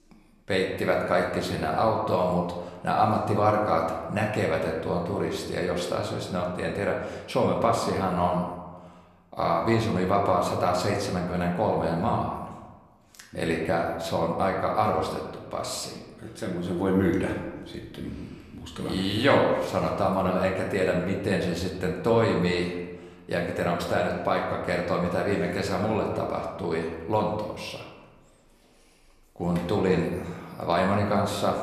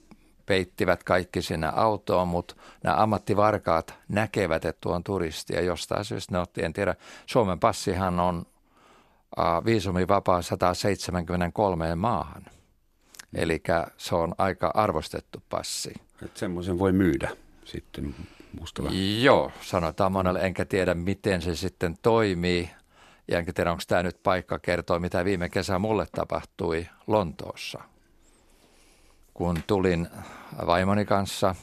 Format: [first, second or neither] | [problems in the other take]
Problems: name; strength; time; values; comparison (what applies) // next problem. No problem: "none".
second | room echo; slight; dies away in 1 s // off-mic speech; somewhat distant